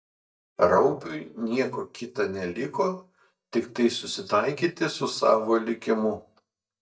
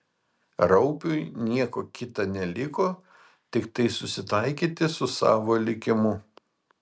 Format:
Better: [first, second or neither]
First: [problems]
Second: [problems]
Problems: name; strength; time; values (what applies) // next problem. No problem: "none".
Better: second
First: noise reduction (neural mask model DeepFilterNet 3)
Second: none